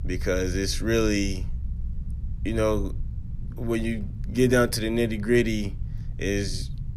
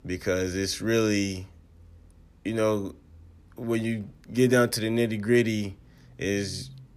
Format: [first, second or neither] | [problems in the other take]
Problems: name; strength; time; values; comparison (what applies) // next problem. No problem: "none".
second | low rumble; faint; throughout; 25 dB below the speech